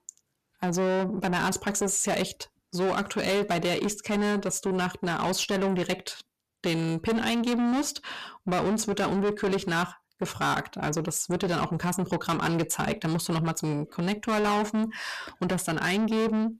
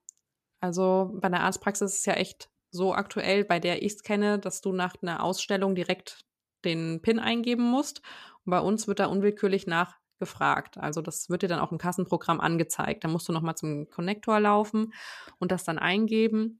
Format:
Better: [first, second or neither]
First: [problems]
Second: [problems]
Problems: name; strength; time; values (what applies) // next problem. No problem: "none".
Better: second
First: distortion; heavy; 7 dB below the speech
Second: none